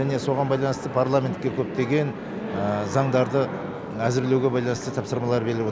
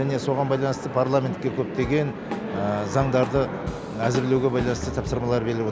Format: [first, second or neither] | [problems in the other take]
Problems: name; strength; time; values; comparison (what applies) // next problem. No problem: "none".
first | background sound (Drum / Drum kit); 11 dB below the speech